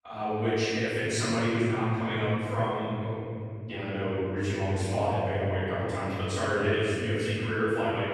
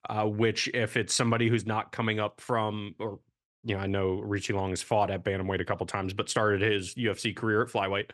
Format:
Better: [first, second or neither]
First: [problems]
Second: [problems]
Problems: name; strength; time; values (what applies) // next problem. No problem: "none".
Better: second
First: off-mic speech; far // room echo; strong; dies away in 3 s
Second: none